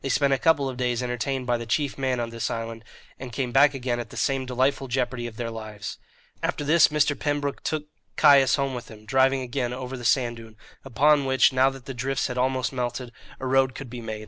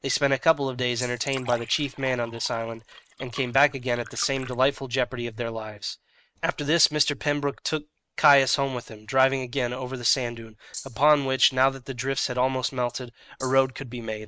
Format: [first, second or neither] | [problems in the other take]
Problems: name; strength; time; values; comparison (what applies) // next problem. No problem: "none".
first | noise reduction (neural mask model RNNoise)